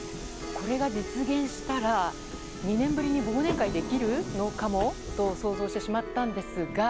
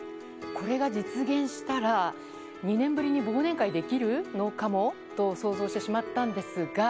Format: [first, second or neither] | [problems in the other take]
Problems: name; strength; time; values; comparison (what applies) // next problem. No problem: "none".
second | background sound (Subway, metro, underground); 10 dB below the speech